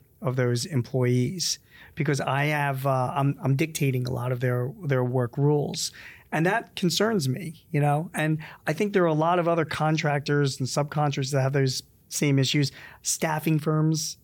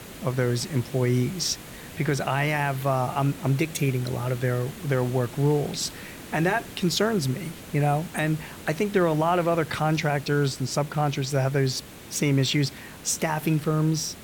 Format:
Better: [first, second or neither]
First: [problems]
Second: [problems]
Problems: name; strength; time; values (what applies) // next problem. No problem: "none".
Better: first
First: none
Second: hiss; noticeable; throughout; 15 dB below the speech